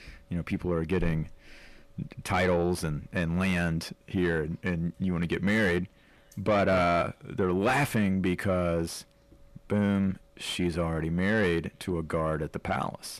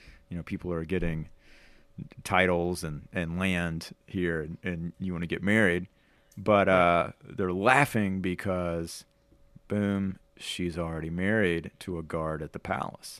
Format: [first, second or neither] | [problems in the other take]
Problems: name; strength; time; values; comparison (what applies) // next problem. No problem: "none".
second | distortion; heavy; 7 dB below the speech